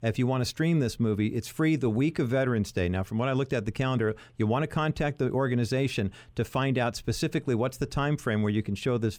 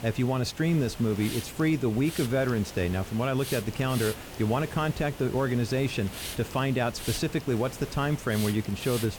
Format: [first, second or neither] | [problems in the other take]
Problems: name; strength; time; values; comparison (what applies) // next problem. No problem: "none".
first | hiss; noticeable; throughout; 10 dB below the speech